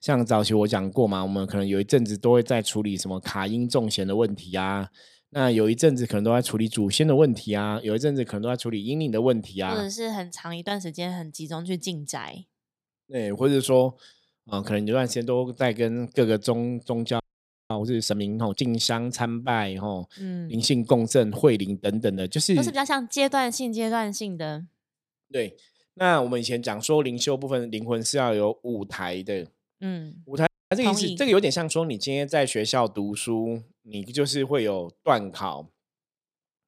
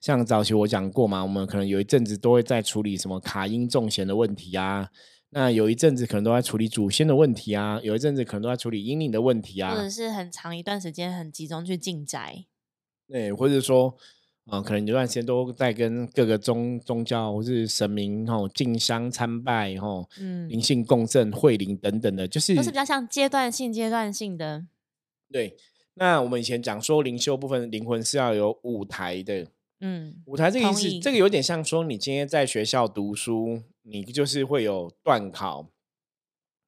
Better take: second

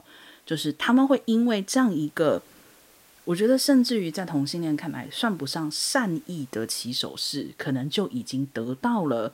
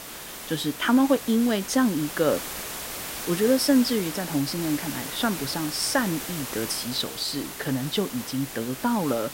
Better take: first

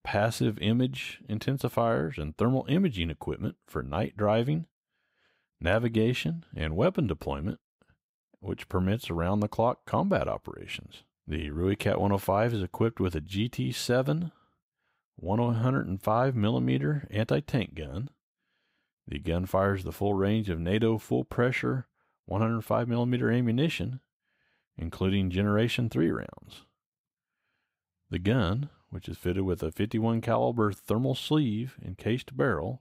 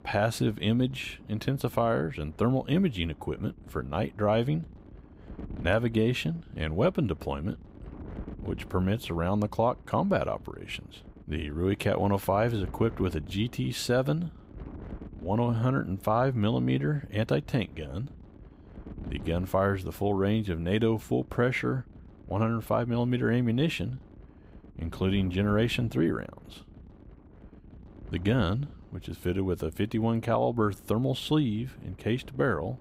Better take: first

